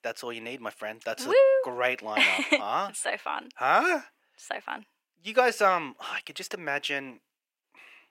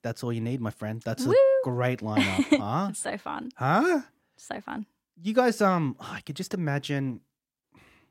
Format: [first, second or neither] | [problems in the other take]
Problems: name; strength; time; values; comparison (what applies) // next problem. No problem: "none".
second | thin; somewhat; fading below 550 Hz